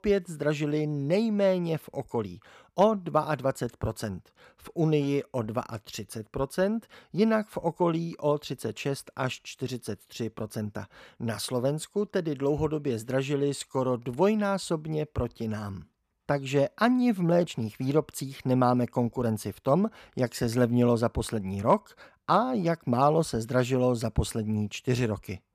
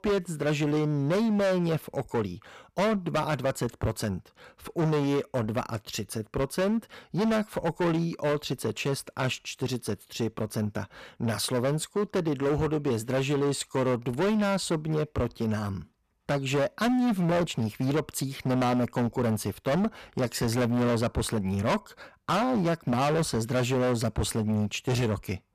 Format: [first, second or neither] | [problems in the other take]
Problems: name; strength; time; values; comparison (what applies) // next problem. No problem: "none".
first | distortion; heavy; 17% of the sound clipped